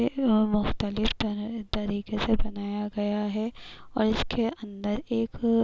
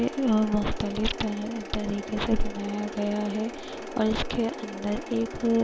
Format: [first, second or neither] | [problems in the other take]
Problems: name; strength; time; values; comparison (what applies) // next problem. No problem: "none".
first | background sound (Mechanisms); 11 dB below the speech